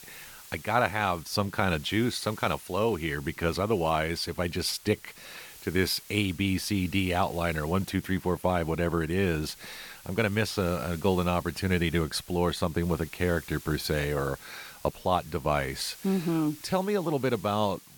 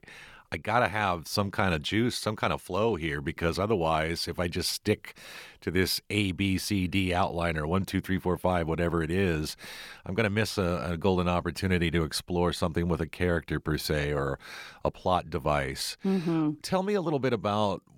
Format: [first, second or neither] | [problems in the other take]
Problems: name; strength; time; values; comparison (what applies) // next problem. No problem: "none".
second | hiss; noticeable; throughout; 20 dB below the speech